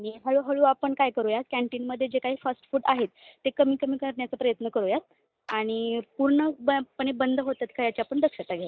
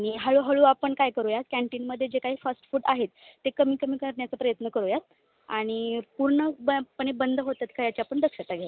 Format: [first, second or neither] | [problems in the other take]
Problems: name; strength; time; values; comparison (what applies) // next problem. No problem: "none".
second | noise reduction (neural mask model DeepFilterNet 3)